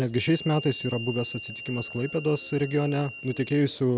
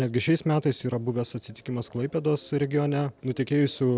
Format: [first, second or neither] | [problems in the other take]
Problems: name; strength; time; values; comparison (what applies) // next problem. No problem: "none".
second | background sound (Harmonica); 14 dB below the speech